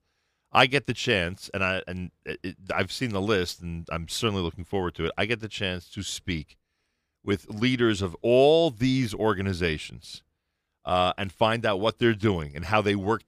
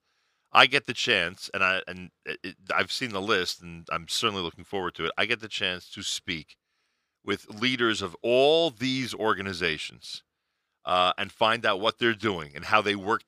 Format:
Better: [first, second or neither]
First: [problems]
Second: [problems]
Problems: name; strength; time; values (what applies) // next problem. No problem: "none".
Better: first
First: none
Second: thin; very slightly; fading below 600 Hz